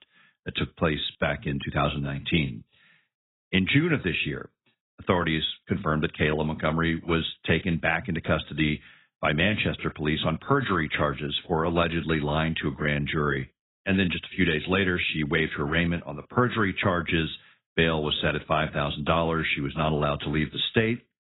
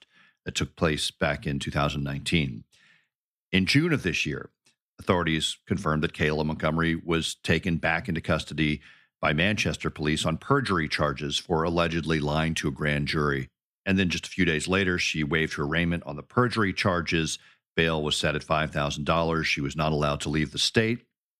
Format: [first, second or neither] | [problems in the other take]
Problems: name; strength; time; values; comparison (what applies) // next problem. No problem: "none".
second | garbled, watery; badly; nothing above 4 kHz